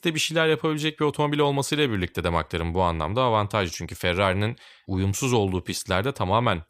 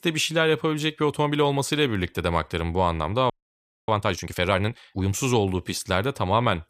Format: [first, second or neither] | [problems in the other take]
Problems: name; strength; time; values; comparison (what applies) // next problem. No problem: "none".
first | audio freezing; at 3.5 s for 0.5 s